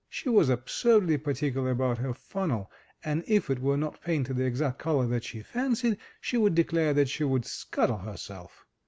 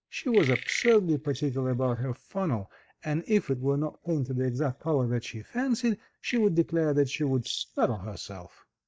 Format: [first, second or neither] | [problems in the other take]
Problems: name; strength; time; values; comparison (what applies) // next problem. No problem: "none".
first | noise reduction (neural mask model DeepFilterNet 3)